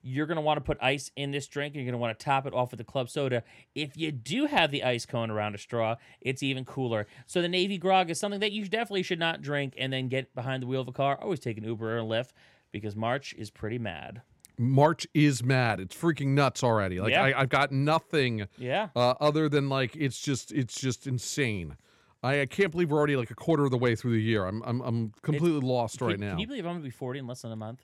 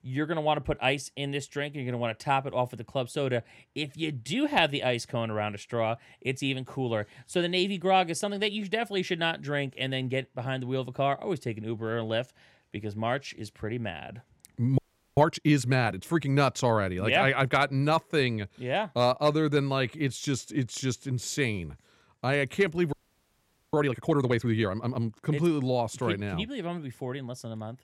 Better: first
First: none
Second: audio freezing; at 15 s and at 23 s for 1 s

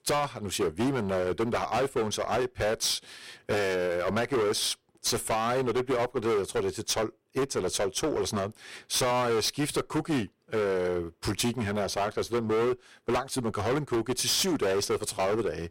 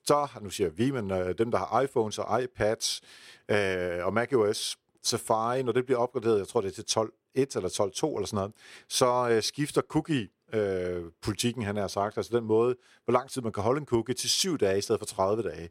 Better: second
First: distortion; heavy; 19% of the sound clipped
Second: none

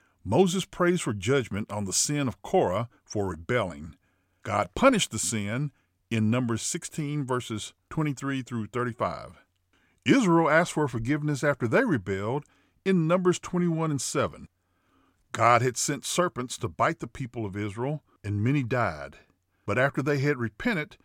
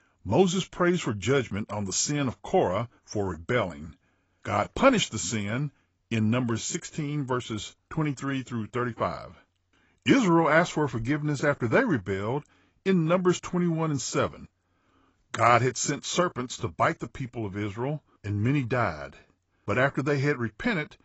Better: first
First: none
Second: garbled, watery; badly; nothing above 7.5 kHz

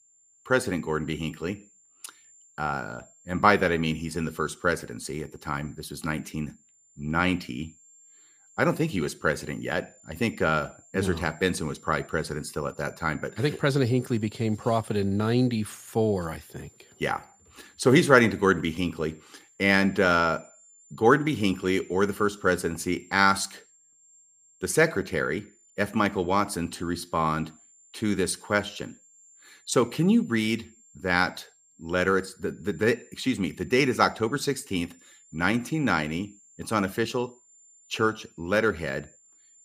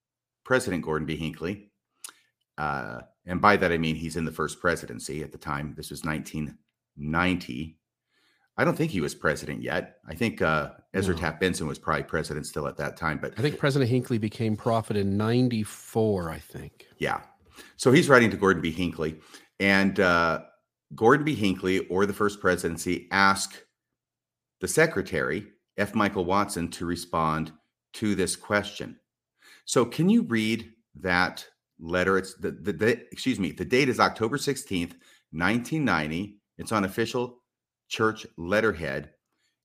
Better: second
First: high-pitched whine; faint; throughout; 7 kHz, 30 dB below the speech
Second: none

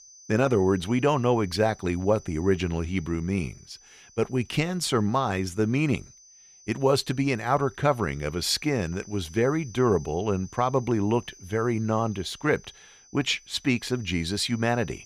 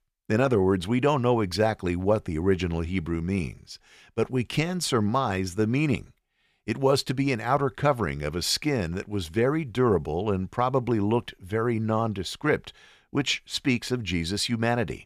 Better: second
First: high-pitched whine; faint; throughout; 6 kHz, 25 dB below the speech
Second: none

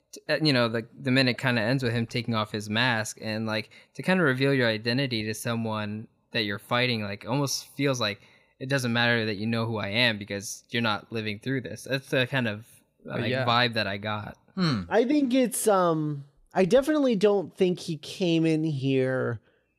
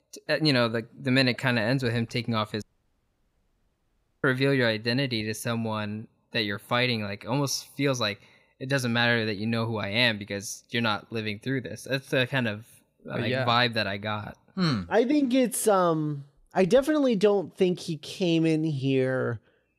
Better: first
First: none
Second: audio cutting out; at 2.5 s for 1.5 s

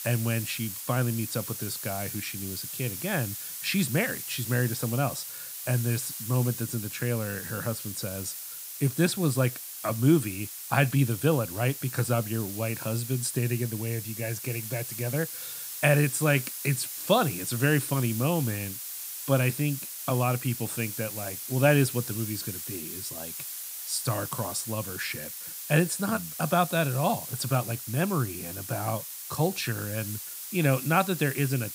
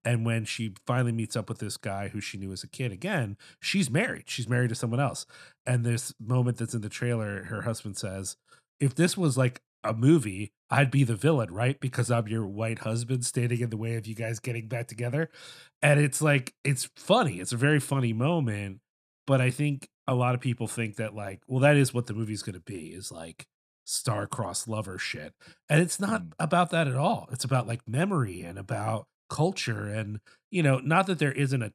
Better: second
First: hiss; loud; throughout; 7 dB below the speech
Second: none

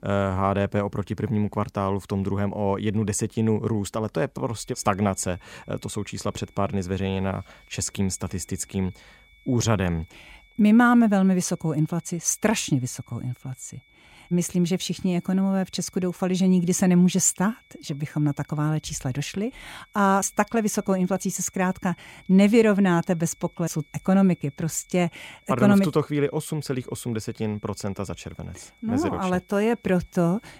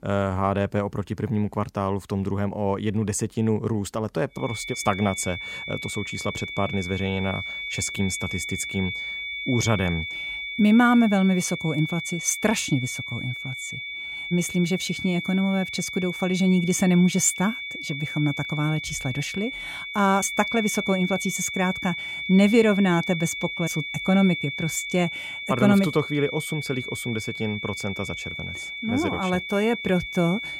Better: first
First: high-pitched whine; faint; from 4.5 s on; 2.5 kHz, 30 dB below the speech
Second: high-pitched whine; loud; from 4.5 s on; 2.5 kHz, 6 dB below the speech

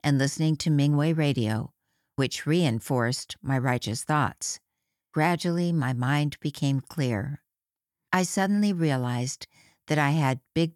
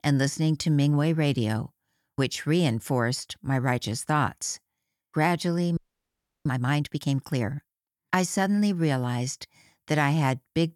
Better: first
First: none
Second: audio freezing; at 6 s for 0.5 s

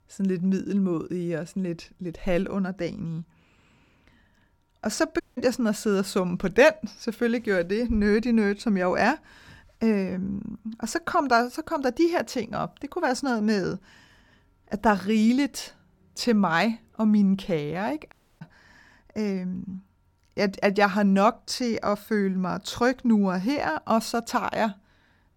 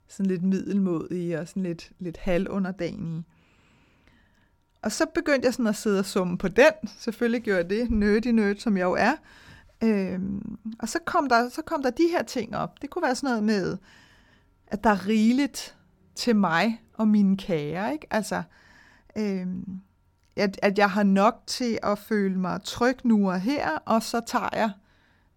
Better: second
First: audio cutting out; at 5 s and at 18 s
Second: none

